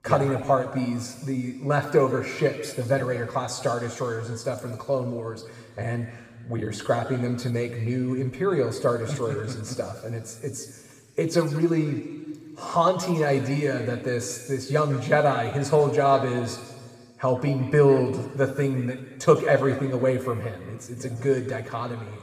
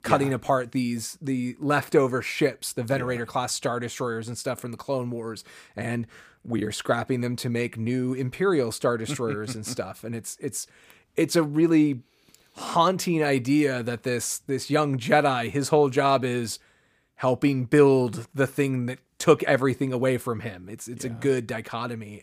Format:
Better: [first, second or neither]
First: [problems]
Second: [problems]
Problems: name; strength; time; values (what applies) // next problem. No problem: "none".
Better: second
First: room echo; noticeable; dies away in 1.7 s // off-mic speech; somewhat distant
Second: none